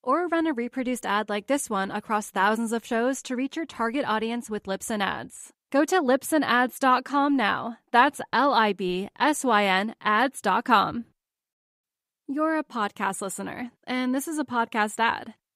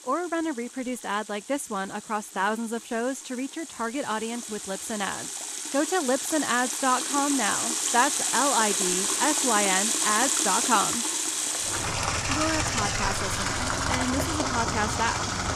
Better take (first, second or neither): first